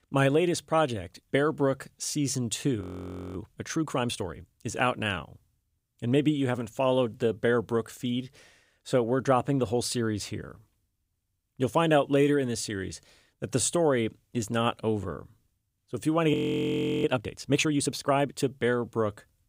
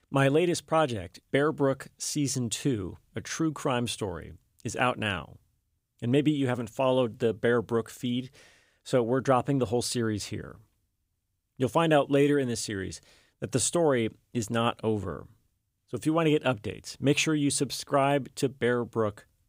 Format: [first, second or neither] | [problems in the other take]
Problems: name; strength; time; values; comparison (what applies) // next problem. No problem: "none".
second | audio freezing; at 3 s for 0.5 s and at 16 s for 0.5 s